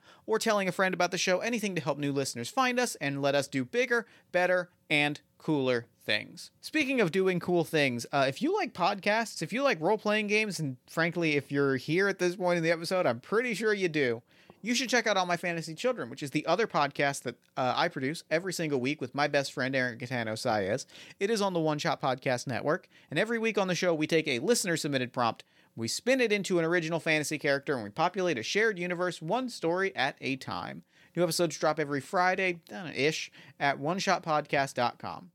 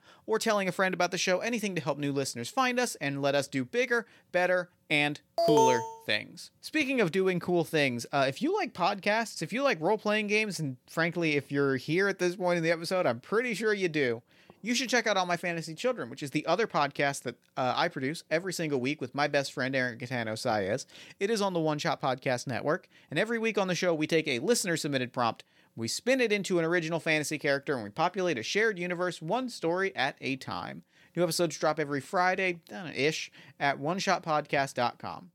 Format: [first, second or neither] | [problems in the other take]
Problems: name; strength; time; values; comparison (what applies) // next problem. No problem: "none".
first | alarm; loud; at 5.5 s; peak 5 dB above the speech